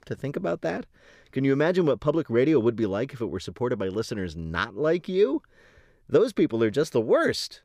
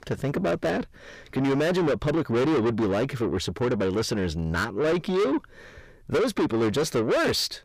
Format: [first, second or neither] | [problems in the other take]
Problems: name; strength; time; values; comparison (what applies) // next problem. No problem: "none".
first | distortion; heavy; 6 dB below the speech